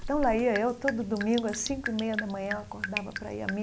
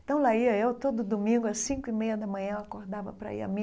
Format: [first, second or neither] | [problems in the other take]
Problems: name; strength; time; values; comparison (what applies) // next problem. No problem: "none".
second | background sound (Drip); 8 dB below the speech